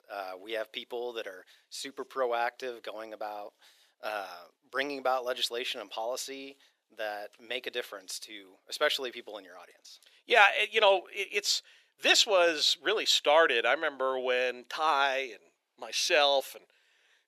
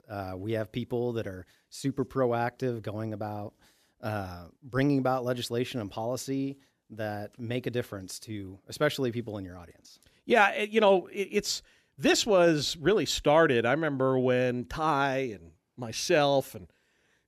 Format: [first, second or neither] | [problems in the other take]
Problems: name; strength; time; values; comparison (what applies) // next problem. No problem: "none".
second | thin; very; fading below 500 Hz